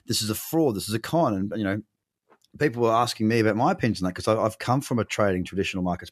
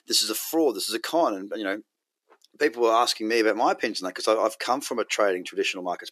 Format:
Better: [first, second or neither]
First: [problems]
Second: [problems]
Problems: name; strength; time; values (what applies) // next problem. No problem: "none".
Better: first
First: none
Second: thin; somewhat; fading below 350 Hz